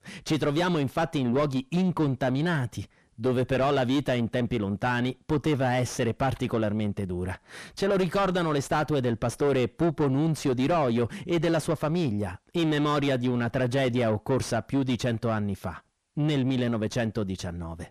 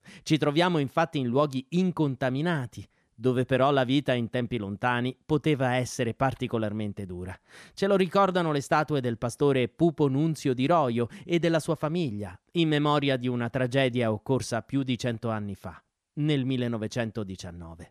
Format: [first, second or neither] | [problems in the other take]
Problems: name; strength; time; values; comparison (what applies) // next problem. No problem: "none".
second | distortion; heavy; 7 dB below the speech